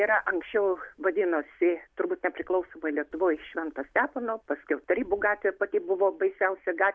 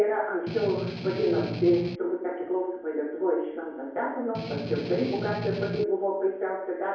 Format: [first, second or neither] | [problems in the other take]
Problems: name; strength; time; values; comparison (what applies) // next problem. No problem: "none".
first | background sound (Strum); 6 dB below the speech // room echo; dies away in 0.9 s